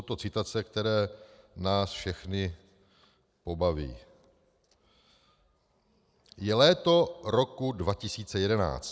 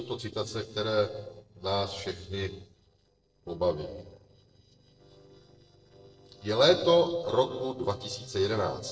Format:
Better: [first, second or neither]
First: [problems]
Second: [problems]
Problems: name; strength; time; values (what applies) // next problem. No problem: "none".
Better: first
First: none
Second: noise reduction (neural separator model SepFormer DNS4)